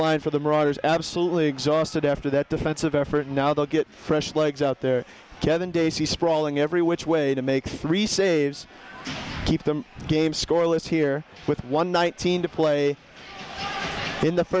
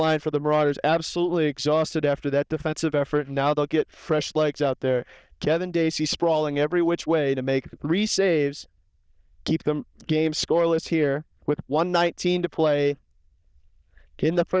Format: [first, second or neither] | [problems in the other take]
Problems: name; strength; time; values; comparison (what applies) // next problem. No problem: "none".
first | noise reduction (neural diffusion model UNIVERSE++)